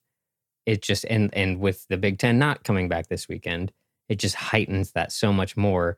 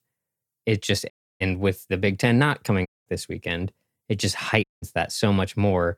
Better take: first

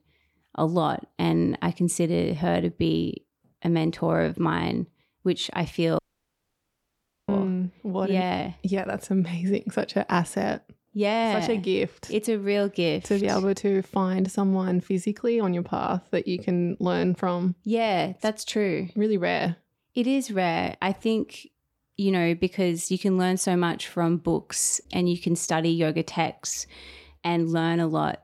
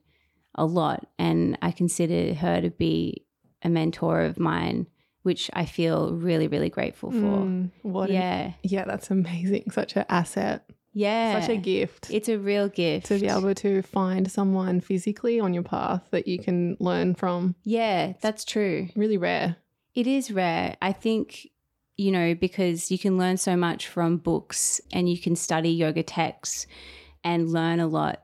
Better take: second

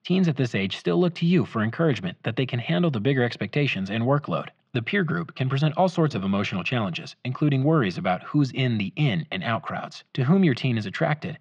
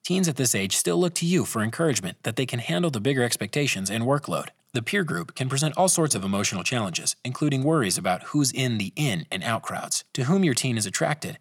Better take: second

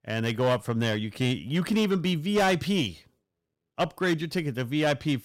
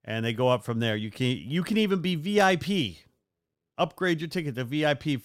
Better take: second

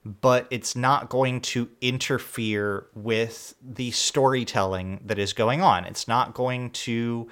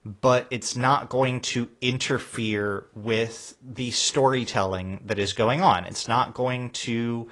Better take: first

